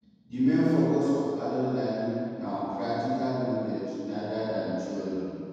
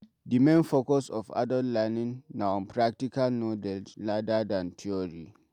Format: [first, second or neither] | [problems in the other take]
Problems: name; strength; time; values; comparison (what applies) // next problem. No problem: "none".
second | room echo; dies away in 2.1 s